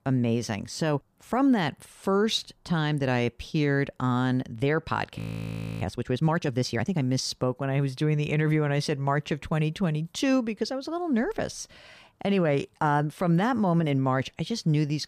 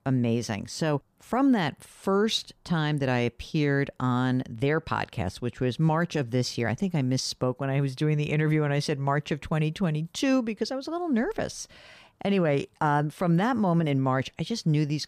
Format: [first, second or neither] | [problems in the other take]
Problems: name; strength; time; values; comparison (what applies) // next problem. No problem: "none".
second | audio freezing; at 5 s for 0.5 s